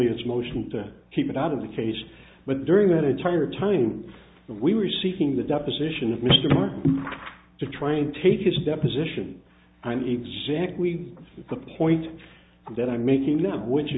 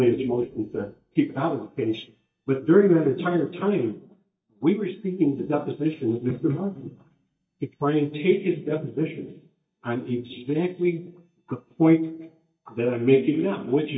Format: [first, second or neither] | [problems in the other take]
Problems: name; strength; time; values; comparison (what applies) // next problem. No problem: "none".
first | noise reduction (neural mask model DeepFilterNet 3)